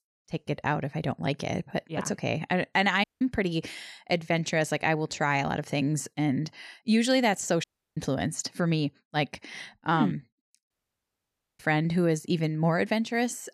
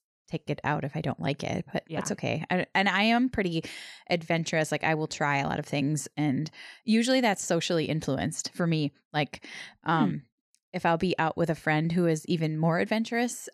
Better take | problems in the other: second | audio cutting out; at 3 s, at 7.5 s and at 11 s for 1 s

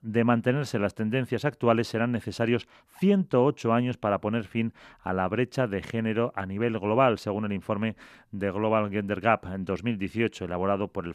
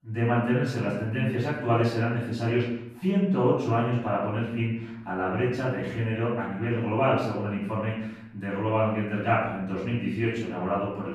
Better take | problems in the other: first | off-mic speech; far // room echo; noticeable; dies away in 0.7 s

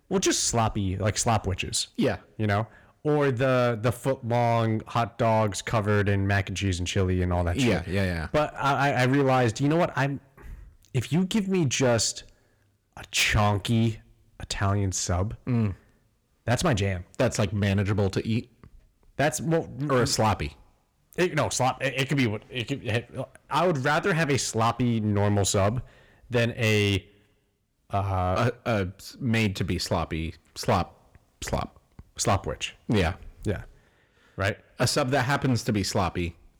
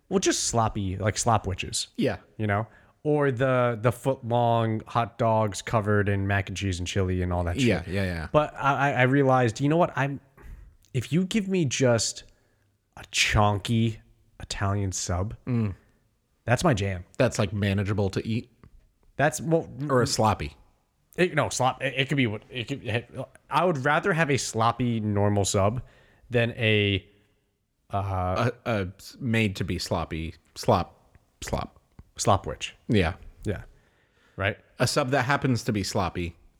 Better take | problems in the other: second | distortion; slight; 6% of the sound clipped

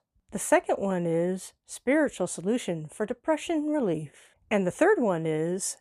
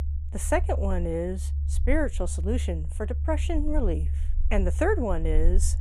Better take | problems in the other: first | low rumble; noticeable; throughout; 20 dB below the speech

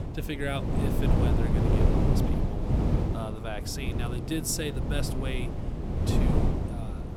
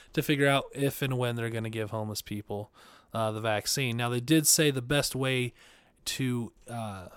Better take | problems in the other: second | wind noise on the microphone; heavy; 1 dB above the speech

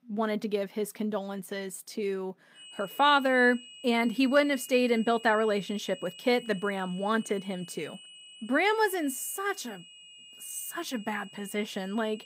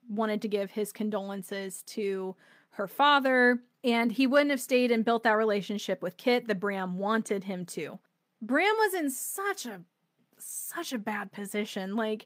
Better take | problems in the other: second | high-pitched whine; noticeable; from 2.5 s on; 3 kHz, 20 dB below the speech

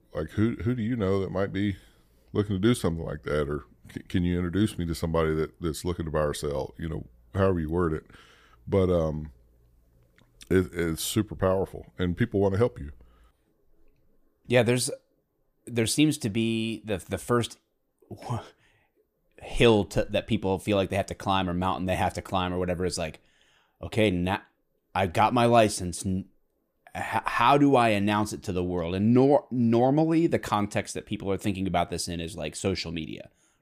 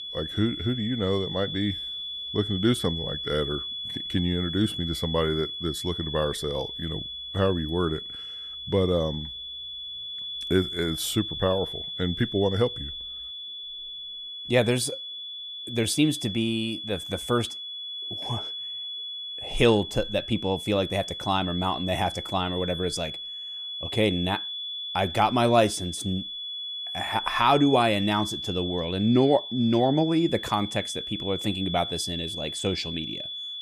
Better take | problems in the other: first | high-pitched whine; loud; throughout; 3.5 kHz, 6 dB below the speech

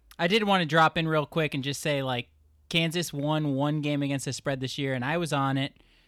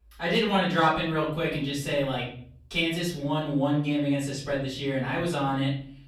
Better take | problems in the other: first | off-mic speech; far // room echo; noticeable; dies away in 0.5 s

